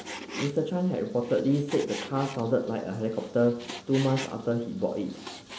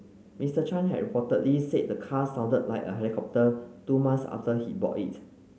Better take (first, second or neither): second